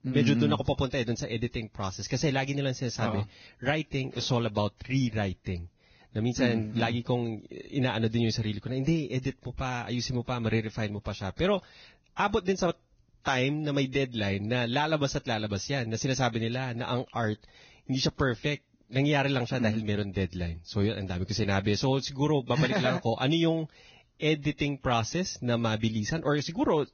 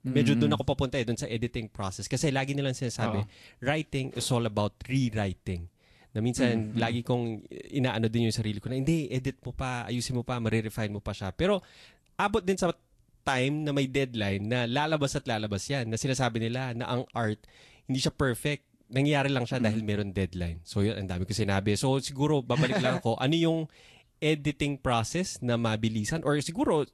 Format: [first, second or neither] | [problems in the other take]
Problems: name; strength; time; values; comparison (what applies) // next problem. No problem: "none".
second | garbled, watery; badly; nothing above 6.5 kHz; slightly in the second